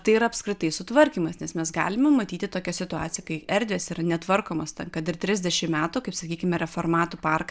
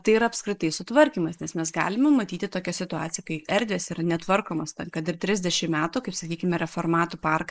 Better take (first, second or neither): first